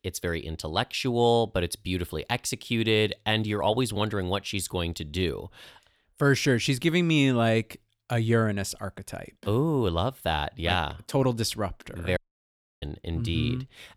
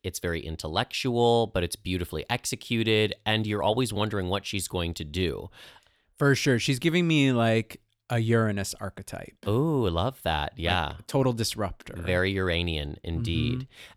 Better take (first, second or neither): second